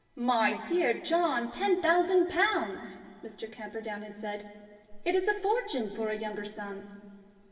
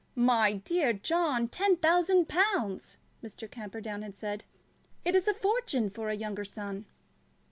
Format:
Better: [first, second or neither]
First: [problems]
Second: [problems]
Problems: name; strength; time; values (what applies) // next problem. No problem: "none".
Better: second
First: room echo; dies away in 2.9 s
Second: none